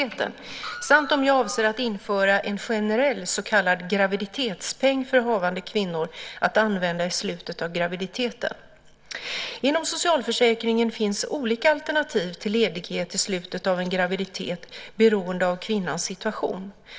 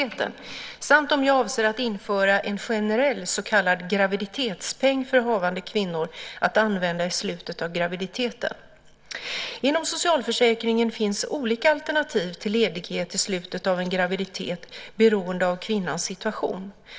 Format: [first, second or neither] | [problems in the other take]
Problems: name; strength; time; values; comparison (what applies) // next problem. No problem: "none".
second | background sound (Screech); 14 dB below the speech